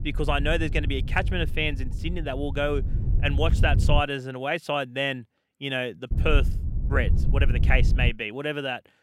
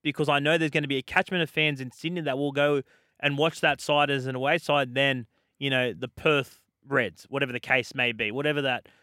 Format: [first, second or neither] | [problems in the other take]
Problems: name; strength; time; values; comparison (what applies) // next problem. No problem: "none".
second | wind noise on the microphone; occasional gusts; until 4 s and from 6 to 8 s; 15 dB below the speech